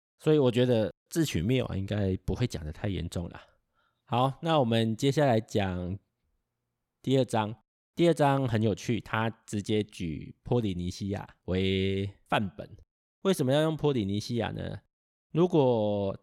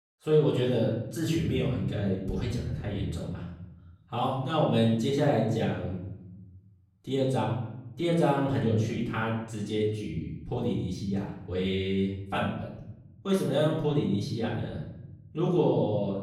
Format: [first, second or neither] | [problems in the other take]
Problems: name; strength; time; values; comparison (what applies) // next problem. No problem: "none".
first | room echo; noticeable; dies away in 0.9 s // off-mic speech; far